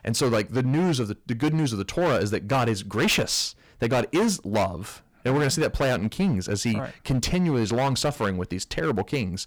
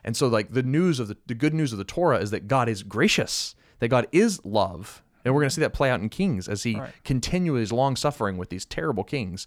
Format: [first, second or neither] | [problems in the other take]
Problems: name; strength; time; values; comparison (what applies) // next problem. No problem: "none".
second | distortion; heavy; 13% of the sound clipped